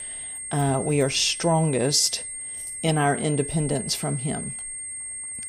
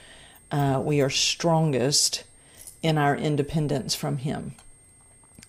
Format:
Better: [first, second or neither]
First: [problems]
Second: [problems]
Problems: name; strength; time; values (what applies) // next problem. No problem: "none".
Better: second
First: high-pitched whine; loud; throughout; 8.5 kHz, 8 dB below the speech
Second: high-pitched whine; faint; throughout; 8.5 kHz, 30 dB below the speech